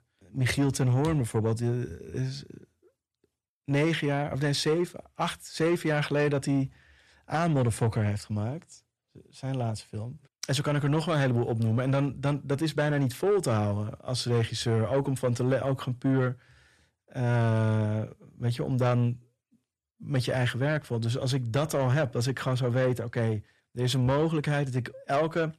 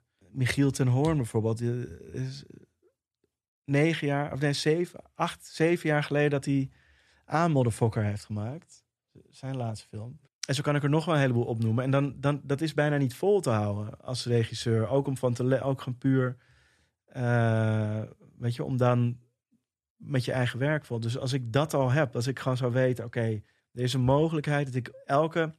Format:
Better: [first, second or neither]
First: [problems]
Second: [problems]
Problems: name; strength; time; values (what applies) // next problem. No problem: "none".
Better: second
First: distortion; slight; 10 dB below the speech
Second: none